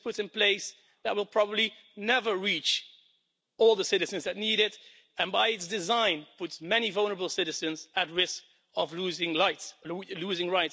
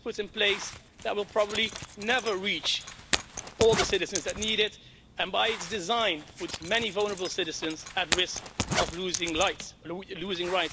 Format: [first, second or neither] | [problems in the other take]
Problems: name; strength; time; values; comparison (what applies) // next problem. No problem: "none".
first | background sound (Zipper (clothing)); 7 dB below the speech